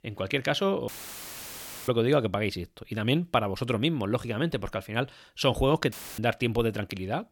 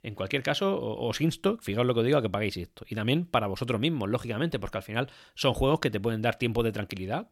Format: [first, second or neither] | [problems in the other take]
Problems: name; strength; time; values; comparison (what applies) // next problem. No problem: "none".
second | audio cutting out; filled with static; at 1 s for 1 s and at 6 s